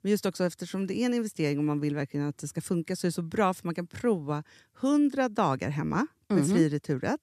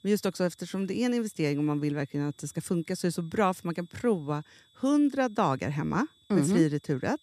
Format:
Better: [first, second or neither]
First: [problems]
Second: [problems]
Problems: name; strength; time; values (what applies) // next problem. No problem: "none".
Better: first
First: none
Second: high-pitched whine; faint; throughout; 3.5 kHz, 30 dB below the speech